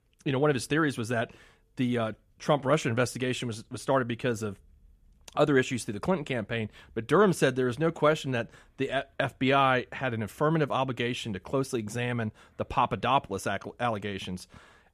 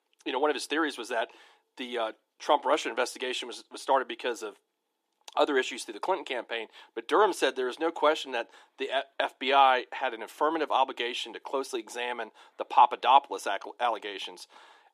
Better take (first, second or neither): first